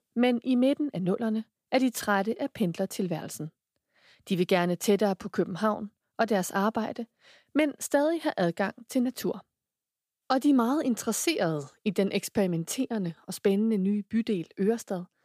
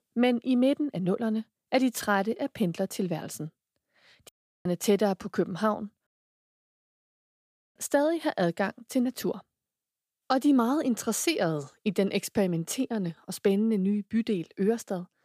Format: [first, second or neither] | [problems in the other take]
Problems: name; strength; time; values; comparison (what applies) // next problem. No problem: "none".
first | audio cutting out; at 4.5 s and at 6 s for 1.5 s